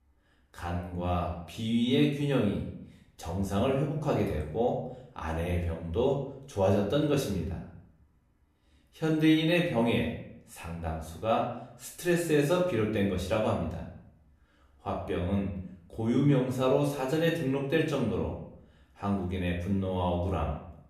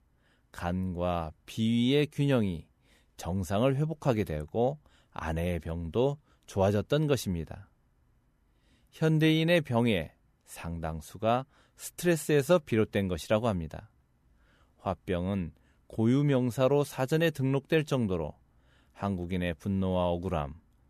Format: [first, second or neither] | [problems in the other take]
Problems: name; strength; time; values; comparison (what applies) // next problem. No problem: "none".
second | room echo; noticeable; dies away in 0.6 s // off-mic speech; somewhat distant